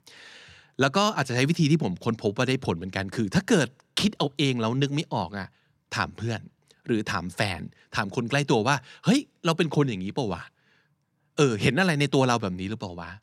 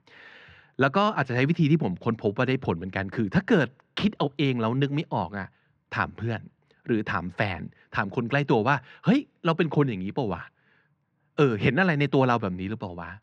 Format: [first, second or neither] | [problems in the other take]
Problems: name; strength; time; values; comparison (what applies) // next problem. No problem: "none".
first | muffled; slightly; fading above 2 kHz